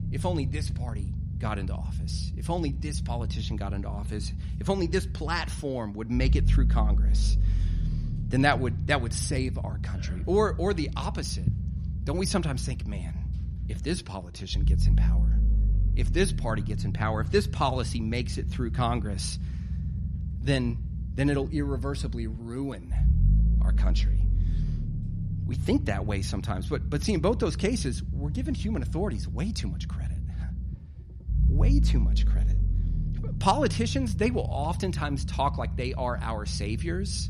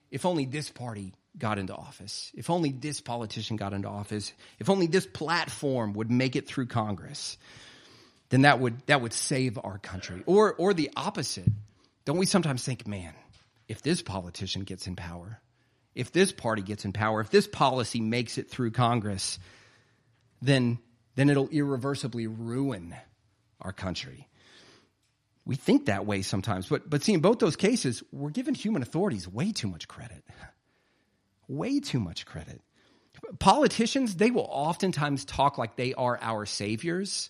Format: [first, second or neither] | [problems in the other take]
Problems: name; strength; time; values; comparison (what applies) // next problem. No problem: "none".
second | low rumble; noticeable; throughout; 15 dB below the speech